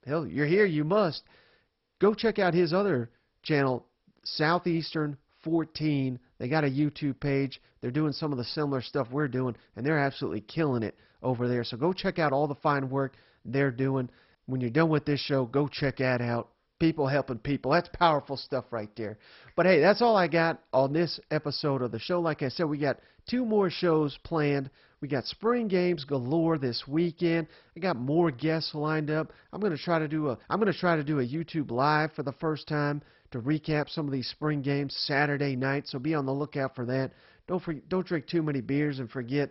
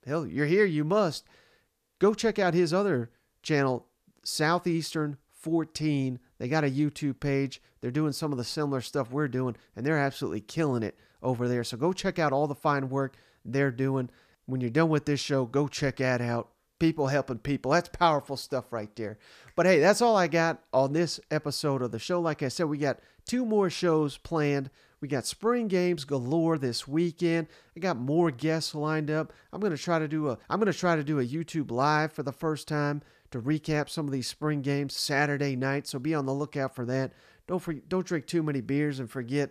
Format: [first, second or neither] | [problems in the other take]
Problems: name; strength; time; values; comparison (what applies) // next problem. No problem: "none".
second | garbled, watery; badly; nothing above 5.5 kHz